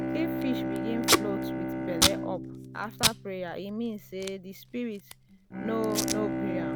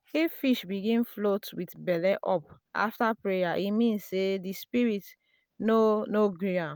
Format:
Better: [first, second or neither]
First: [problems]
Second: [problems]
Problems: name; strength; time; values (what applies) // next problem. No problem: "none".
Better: second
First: background sound (Packing tape, duct tape + Bowed string instrument); 4 dB above the speech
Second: none